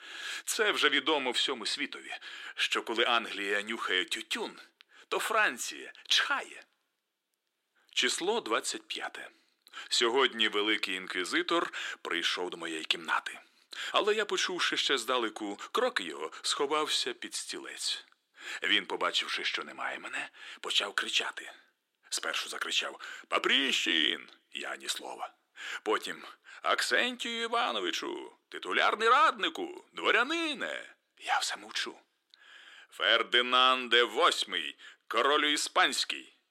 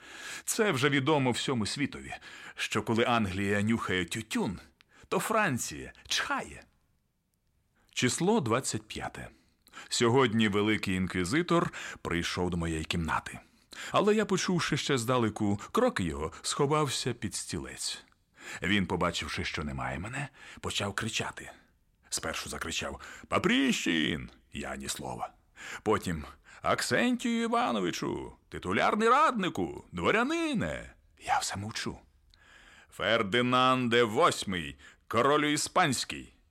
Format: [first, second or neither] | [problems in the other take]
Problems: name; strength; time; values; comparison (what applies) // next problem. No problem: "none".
second | thin; somewhat; fading below 350 Hz